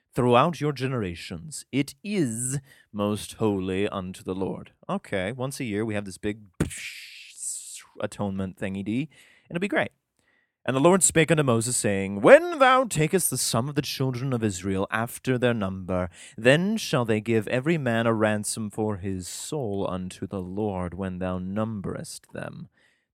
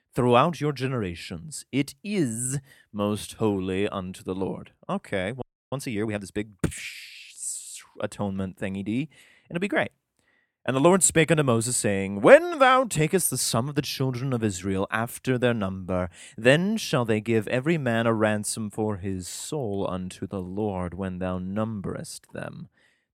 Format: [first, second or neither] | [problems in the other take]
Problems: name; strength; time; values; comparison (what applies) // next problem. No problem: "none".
first | audio freezing; at 5.5 s